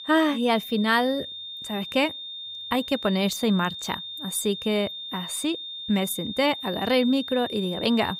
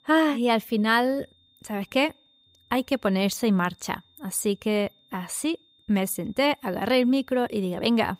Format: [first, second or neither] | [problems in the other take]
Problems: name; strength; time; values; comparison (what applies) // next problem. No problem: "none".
second | high-pitched whine; loud; throughout; 3.5 kHz, 8 dB below the speech; faint in the second